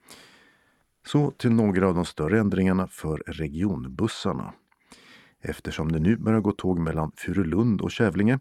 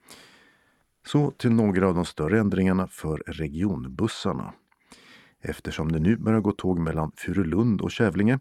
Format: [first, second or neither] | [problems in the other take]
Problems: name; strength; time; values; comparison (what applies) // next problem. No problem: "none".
neither | muffled; slightly; fading above 3 kHz; the same in both